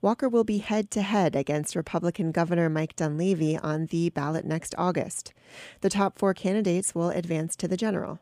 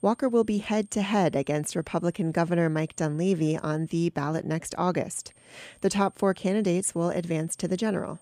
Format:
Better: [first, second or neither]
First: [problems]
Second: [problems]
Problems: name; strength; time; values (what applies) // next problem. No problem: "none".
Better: first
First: none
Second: high-pitched whine; faint; until 4 s and from 5 s on; 8.5 kHz, 30 dB below the speech